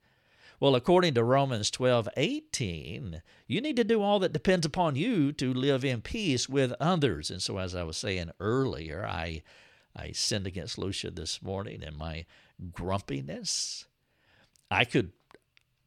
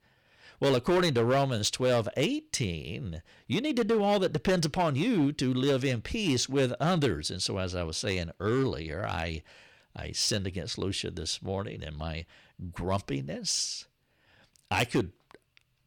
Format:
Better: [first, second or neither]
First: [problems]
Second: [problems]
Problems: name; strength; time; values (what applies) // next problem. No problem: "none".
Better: first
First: none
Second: distortion; slight; 4% of the sound clipped